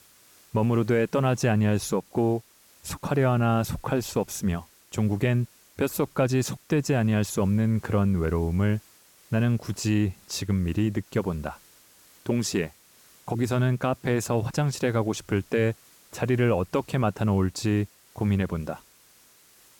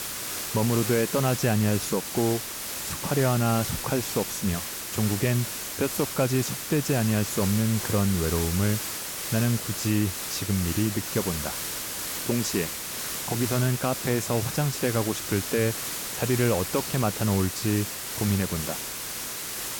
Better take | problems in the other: first | hiss; loud; throughout; 4 dB below the speech; faint in the first

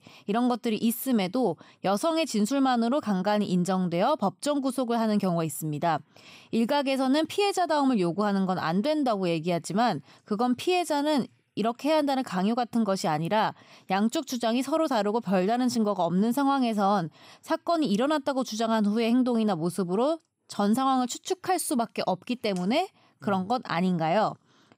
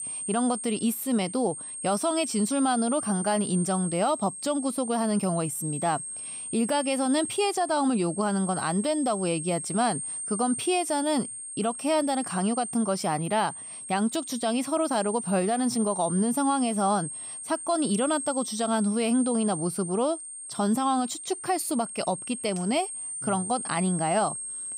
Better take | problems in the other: first | high-pitched whine; loud; throughout; 8.5 kHz, 6 dB below the speech

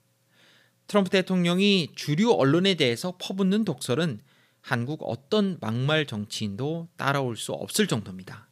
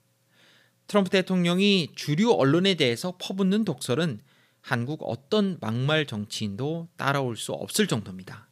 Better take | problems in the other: neither | none

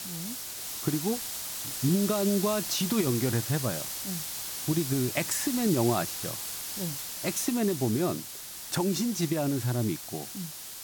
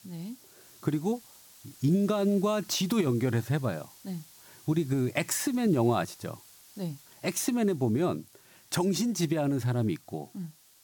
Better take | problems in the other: second | hiss; loud; throughout; 4 dB below the speech; faint in the second

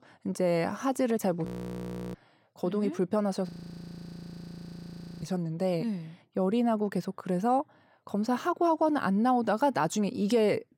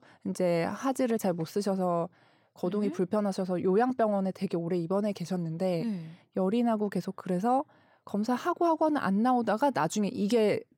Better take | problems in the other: second | audio freezing; at 1.5 s for 0.5 s and at 3.5 s for 1.5 s

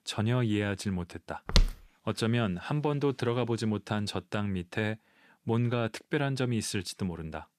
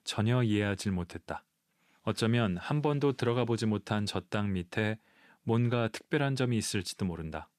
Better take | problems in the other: second | footsteps; loud; at 1.5 s; peak 3 dB above the speech

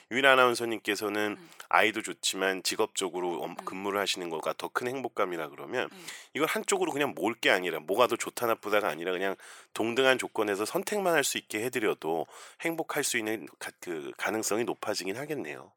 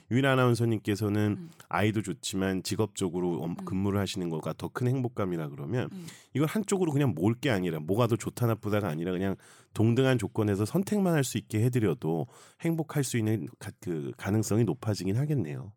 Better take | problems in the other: second | thin; very; fading below 550 Hz

